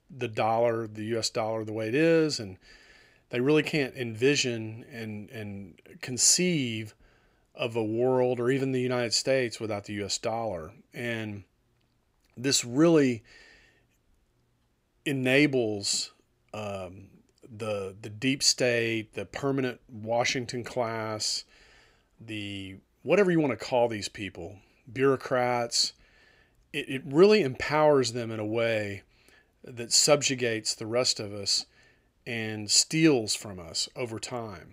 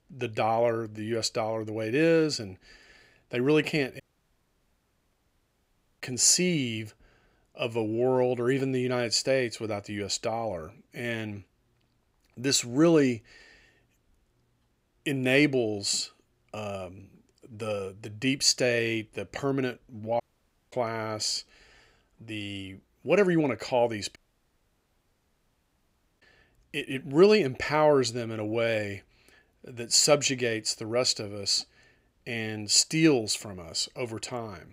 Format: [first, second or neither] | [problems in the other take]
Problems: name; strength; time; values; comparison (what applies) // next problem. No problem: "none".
first | audio cutting out; at 4 s for 2 s, at 20 s for 0.5 s and at 24 s for 2 s